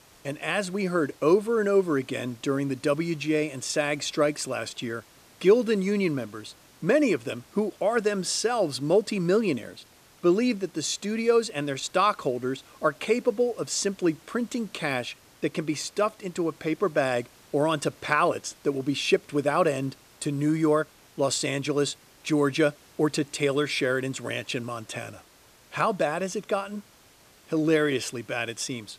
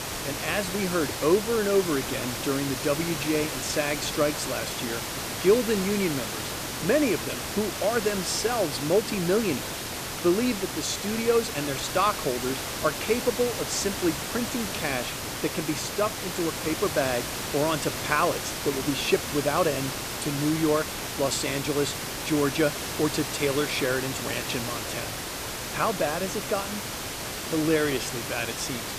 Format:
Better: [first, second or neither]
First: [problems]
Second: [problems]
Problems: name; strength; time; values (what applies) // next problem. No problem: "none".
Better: first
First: hiss; faint; throughout; 25 dB below the speech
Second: hiss; loud; throughout; 4 dB below the speech